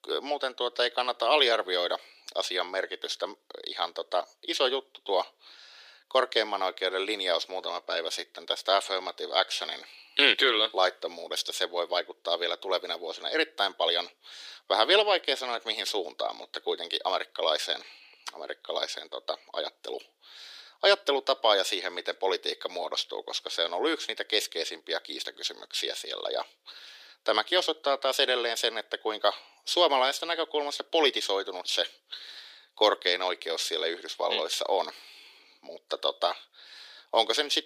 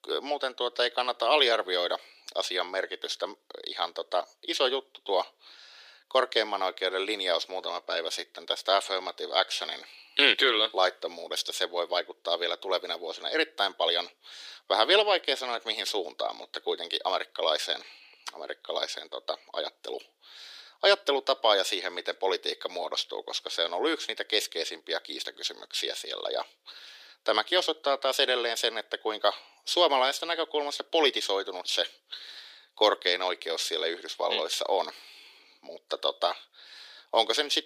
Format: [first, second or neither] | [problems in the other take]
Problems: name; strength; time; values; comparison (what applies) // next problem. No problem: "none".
neither | thin; very; fading below 350 Hz; the same in both